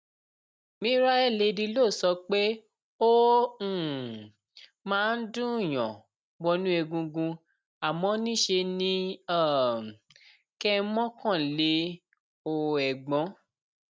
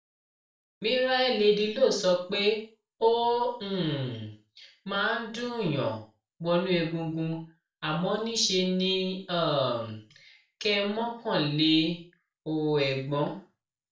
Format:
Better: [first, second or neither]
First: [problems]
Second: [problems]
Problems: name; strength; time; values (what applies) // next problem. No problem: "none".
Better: first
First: none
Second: room echo; dies away in 0.3 s